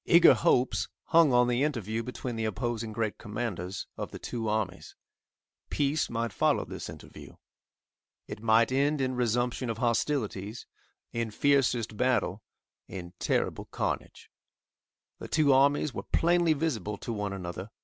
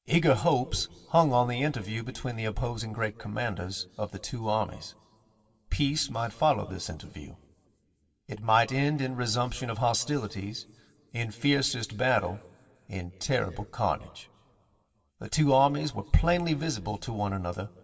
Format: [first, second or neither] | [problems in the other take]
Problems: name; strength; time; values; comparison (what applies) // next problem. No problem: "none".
first | room echo; dies away in 1.5 s